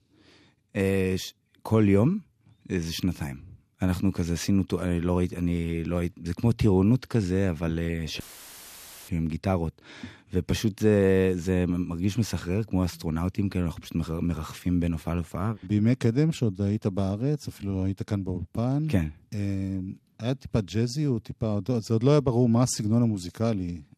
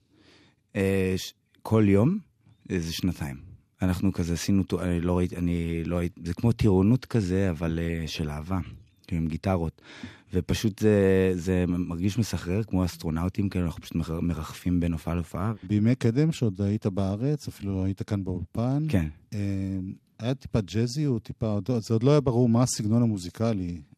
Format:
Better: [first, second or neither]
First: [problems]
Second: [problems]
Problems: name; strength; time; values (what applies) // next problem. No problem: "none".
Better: second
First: audio cutting out; filled with static; at 8 s for 1 s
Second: none